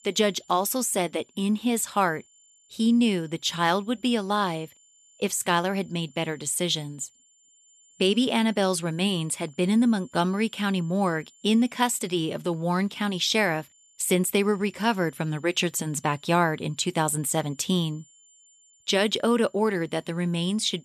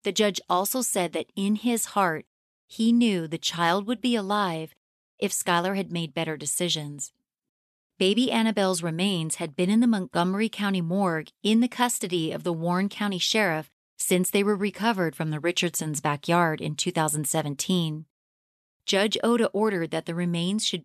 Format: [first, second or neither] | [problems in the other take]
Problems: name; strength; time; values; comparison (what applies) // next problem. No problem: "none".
second | high-pitched whine; faint; throughout; 7 kHz, 30 dB below the speech